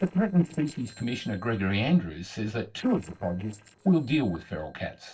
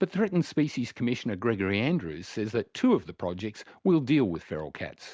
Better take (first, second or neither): second